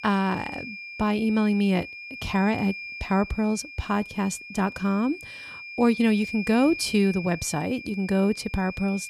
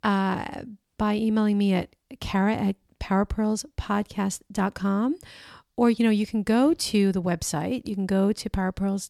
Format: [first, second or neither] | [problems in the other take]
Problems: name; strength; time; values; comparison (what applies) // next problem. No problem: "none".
second | high-pitched whine; noticeable; throughout; 2.5 kHz, 10 dB below the speech